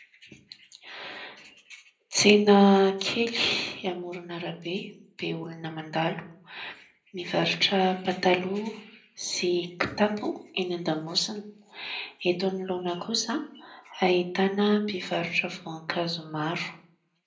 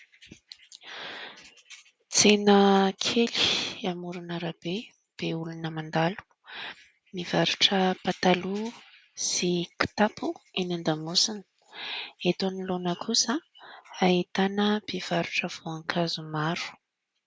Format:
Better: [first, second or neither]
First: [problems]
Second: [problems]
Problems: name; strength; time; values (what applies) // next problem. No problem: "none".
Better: second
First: room echo; dies away in 0.5 s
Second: none